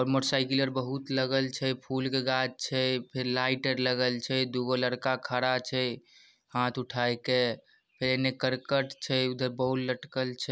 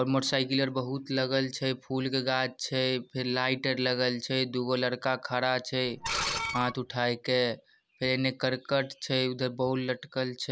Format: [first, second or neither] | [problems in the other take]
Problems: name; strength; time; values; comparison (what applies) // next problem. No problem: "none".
first | background sound (Screech); 4 dB below the speech